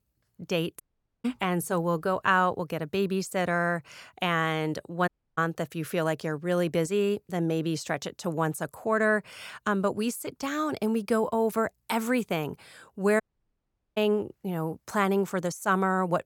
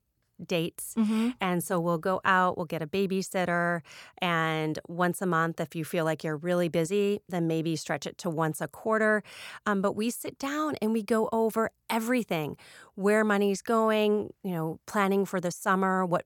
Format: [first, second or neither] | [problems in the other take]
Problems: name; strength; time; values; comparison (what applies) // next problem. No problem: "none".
second | audio cutting out; at 1 s, at 5 s and at 13 s for 1 s